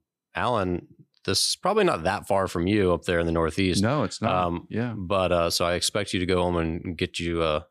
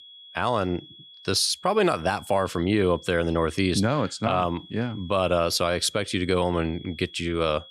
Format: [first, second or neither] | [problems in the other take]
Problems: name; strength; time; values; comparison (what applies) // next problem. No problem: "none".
first | high-pitched whine; faint; throughout; 3.5 kHz, 20 dB below the speech